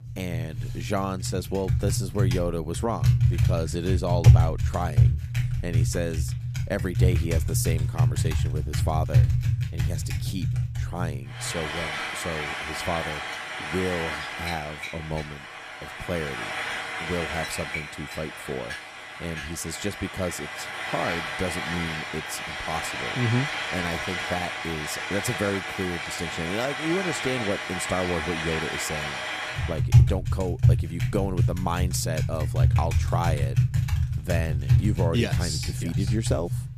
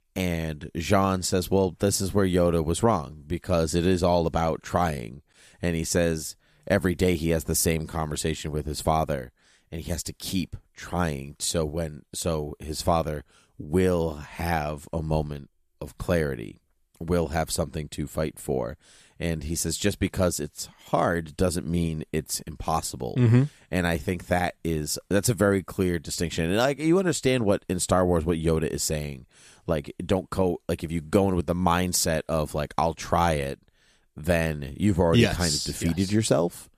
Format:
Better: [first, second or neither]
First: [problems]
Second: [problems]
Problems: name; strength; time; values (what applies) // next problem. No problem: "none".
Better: second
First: household noises; very loud; throughout; 4 dB above the speech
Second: none